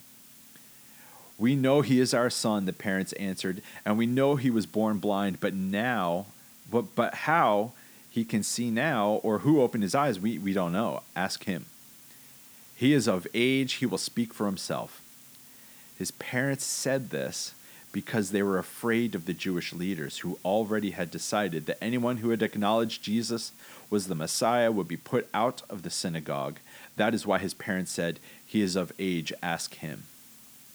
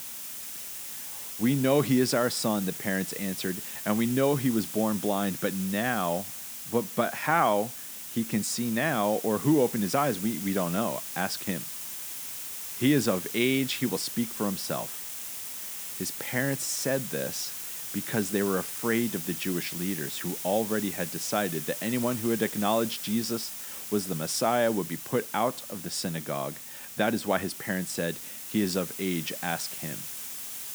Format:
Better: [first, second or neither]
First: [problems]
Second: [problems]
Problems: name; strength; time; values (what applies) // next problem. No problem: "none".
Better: first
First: hiss; faint; throughout; 20 dB below the speech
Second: hiss; loud; throughout; 6 dB below the speech